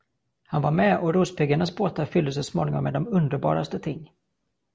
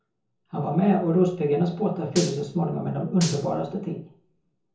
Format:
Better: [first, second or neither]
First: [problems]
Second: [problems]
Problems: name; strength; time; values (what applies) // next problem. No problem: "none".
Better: first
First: none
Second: background sound (Gunshot, gunfire); 14 dB below the speech // room echo; dies away in 0.6 s